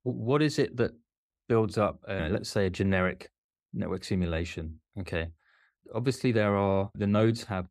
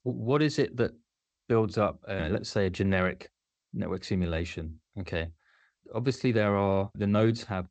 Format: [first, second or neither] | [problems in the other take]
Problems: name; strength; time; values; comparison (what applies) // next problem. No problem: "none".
first | garbled, watery; slightly; nothing above 8 kHz